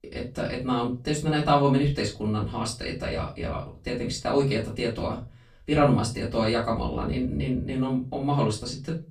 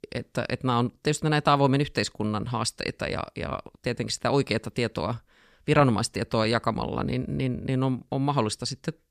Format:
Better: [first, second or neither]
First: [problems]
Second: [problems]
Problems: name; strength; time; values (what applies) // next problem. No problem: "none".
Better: second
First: off-mic speech; far // room echo; very slight; dies away in 0.3 s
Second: none